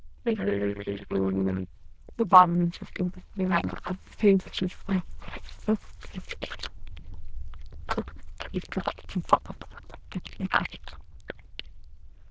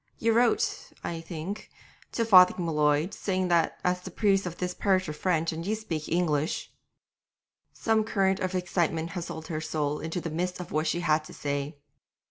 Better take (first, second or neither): second